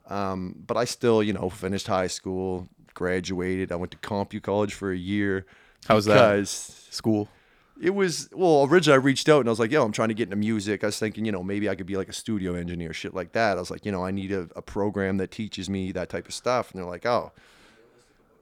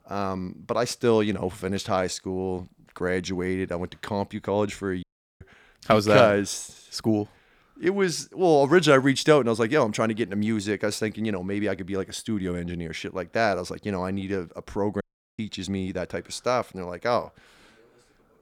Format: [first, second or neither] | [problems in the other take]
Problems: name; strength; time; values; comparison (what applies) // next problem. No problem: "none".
first | audio cutting out; at 5 s and at 15 s